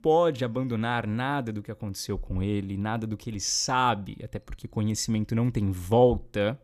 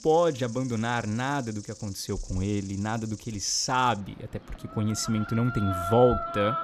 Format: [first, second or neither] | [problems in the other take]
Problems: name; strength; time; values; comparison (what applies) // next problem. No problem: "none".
first | animal sounds; noticeable; throughout; 10 dB below the speech